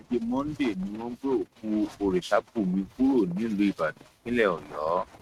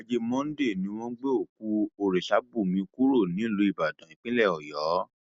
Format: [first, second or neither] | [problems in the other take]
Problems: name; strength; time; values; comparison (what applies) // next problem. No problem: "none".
second | noise reduction (neural mask model RNNoise)